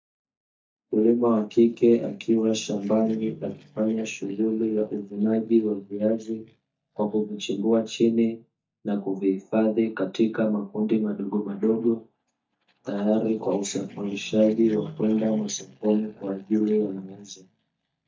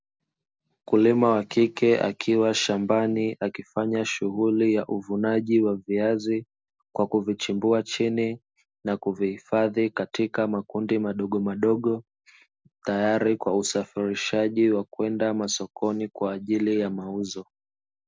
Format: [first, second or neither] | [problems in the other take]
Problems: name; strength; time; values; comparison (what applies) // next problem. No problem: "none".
second | noise reduction (neural mask model DeepFilterNet 3)